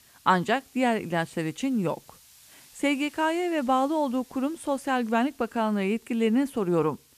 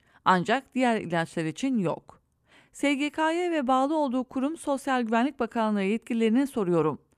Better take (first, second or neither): second